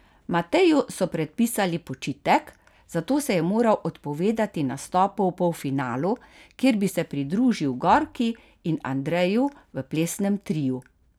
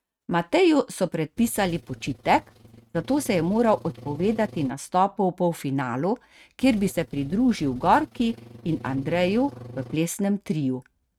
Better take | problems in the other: first | noise reduction (neural mask model RNNoise)

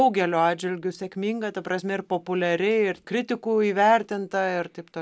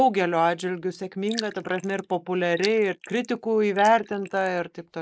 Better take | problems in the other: first | noise reduction (neural mask model Resemble Enhance denoiser)

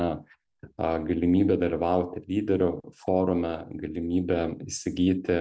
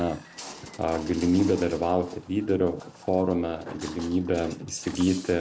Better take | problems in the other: first | background sound (Walk, footsteps); 17 dB below the speech

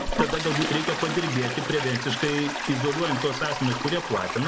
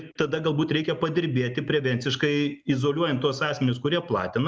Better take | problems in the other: second | background sound (Toilet flush); 3 dB below the speech

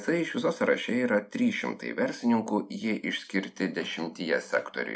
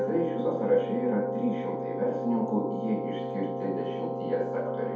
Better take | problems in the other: first | background sound (Keyboard (musical)); 3 dB below the speech // room echo; dies away in 0.7 s

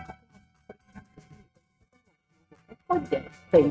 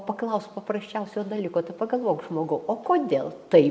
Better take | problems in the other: second | noise reduction (neural mask model RNNoise)

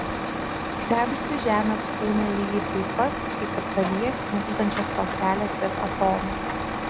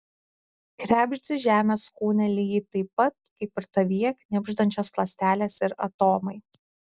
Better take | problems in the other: second | background sound (Truck); 1 dB below the speech

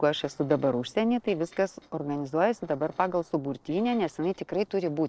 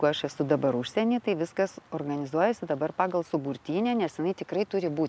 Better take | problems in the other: second | noise reduction (neural separator model SepFormer DNS4)

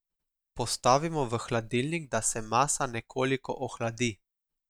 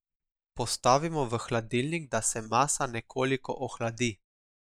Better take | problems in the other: first | noise reduction (neural mask model Resemble Enhance denoiser)

